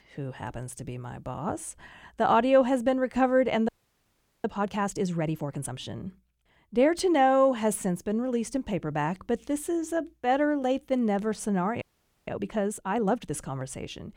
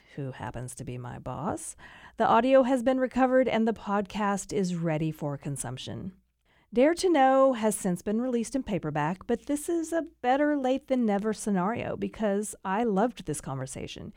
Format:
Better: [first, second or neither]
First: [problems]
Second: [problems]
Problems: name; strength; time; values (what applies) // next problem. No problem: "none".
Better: second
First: audio freezing; at 3.5 s for 1 s and at 12 s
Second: none